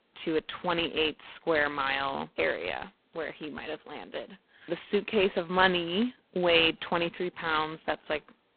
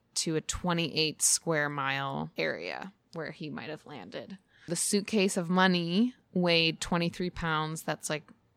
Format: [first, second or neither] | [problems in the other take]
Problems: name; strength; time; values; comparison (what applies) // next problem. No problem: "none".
second | phone-call audio; poor line